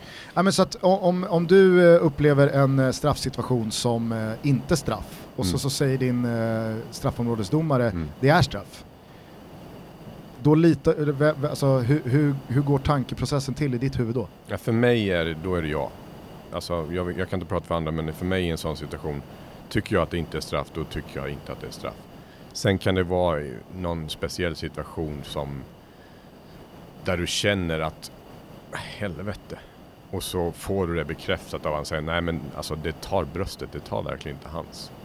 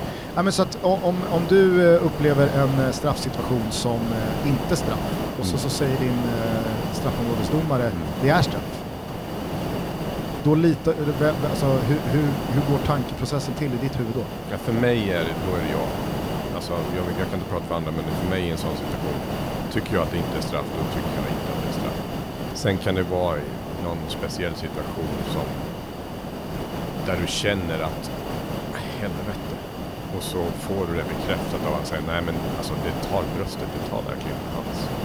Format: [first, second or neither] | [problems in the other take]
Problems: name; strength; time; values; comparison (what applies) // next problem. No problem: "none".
first | hiss; loud; throughout; 4 dB below the speech; faint in the first